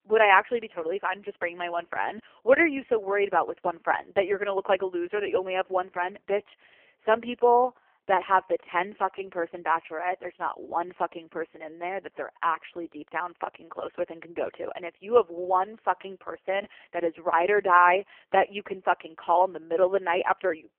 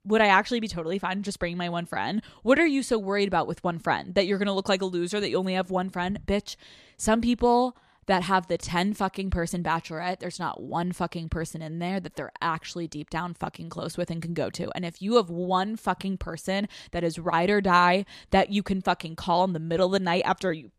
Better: second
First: phone-call audio; poor line; nothing above 3 kHz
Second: none

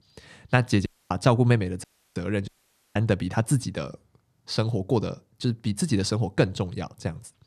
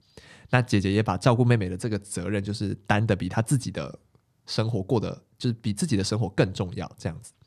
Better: second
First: audio cutting out; at 1 s, at 2 s and at 2.5 s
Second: none

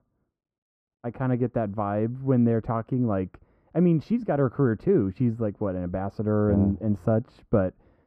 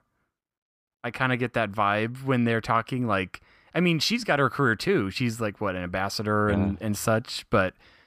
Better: second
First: muffled; very; fading above 1.5 kHz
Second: none

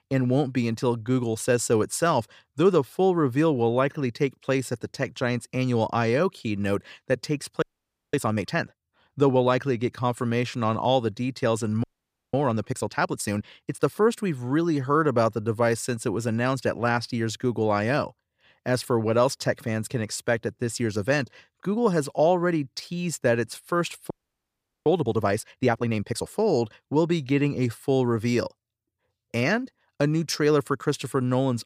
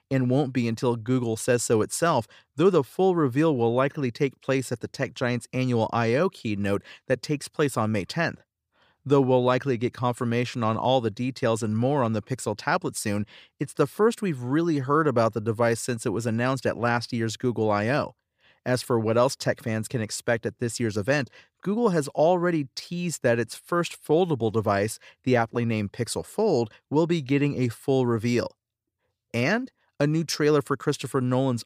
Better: second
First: audio freezing; at 7.5 s for 0.5 s, at 12 s and at 24 s for 1 s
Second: none

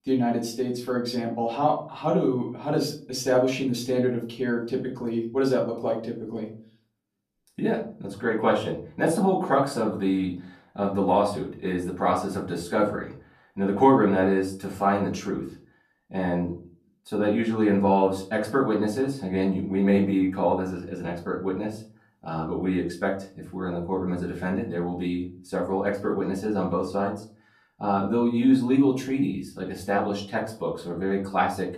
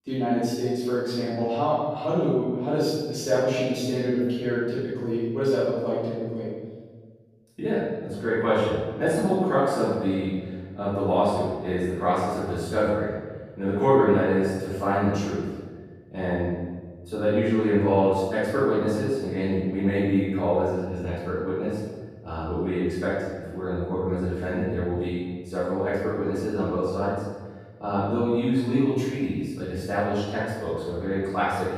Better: first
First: room echo; slight; dies away in 0.3 s // off-mic speech; far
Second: room echo; strong; dies away in 1.4 s // off-mic speech; far

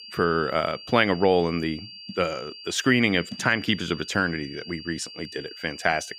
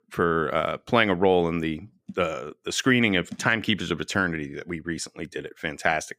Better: second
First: high-pitched whine; noticeable; throughout; 4.5 kHz, 15 dB below the speech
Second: none

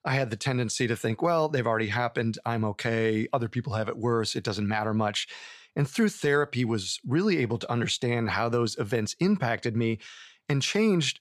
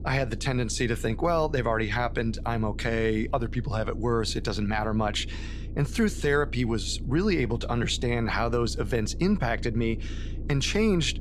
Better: first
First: none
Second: low rumble; faint; throughout; 20 dB below the speech

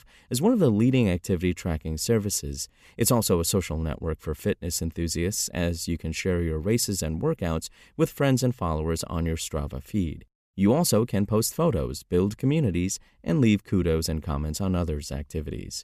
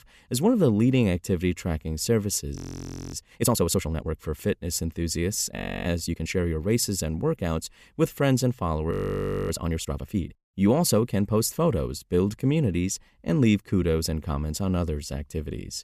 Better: first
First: none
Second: audio freezing; at 2.5 s for 0.5 s, at 5.5 s and at 9 s for 0.5 s

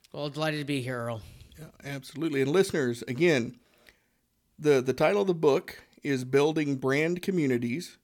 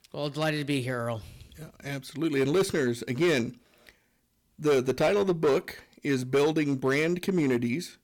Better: first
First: none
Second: distortion; slight; 6% of the sound clipped

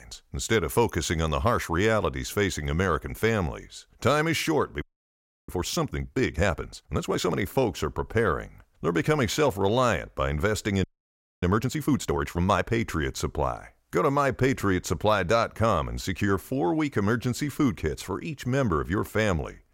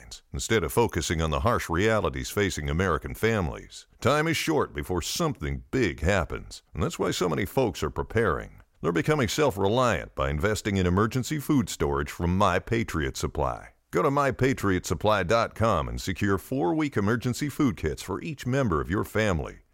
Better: second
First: audio freezing; at 5 s for 0.5 s and at 11 s for 0.5 s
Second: none

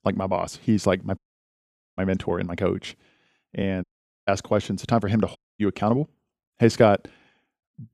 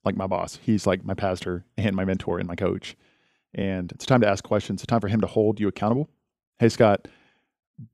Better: second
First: audio cutting out; at 1 s for 1 s, at 4 s and at 5.5 s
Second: none

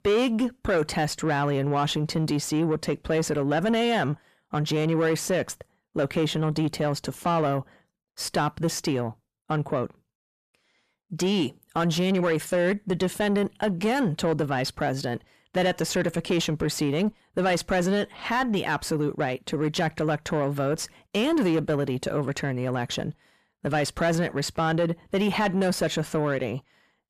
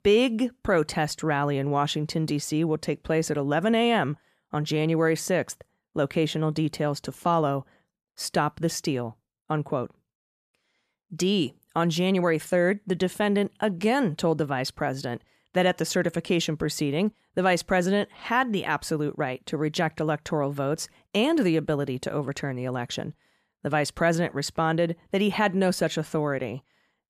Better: second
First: distortion; slight; 10 dB below the speech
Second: none

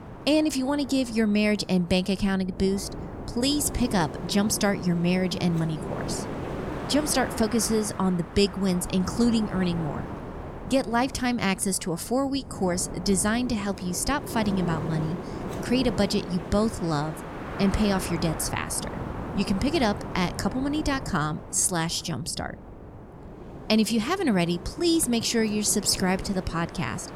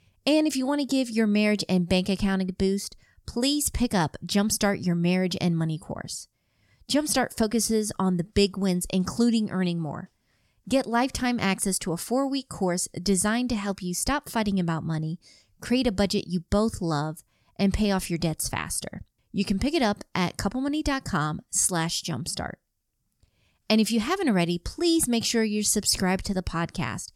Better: second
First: wind noise on the microphone; occasional gusts; 10 dB below the speech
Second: none

